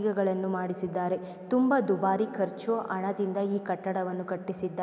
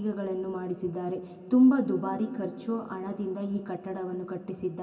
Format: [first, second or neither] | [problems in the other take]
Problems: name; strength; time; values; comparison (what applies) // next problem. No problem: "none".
first | room echo; dies away in 0.2 s